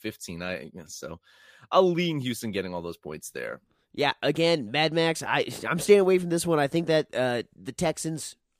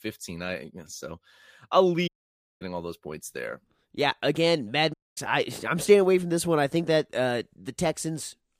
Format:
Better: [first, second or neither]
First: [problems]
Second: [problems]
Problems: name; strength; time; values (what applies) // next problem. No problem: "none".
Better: first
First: none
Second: audio cutting out; at 2 s for 0.5 s and at 5 s